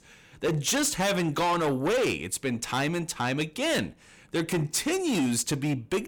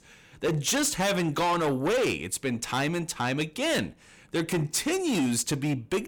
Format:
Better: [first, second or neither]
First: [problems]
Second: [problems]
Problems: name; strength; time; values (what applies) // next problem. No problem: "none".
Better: neither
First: distortion; heavy; 7 dB below the speech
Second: distortion; heavy; 7 dB below the speech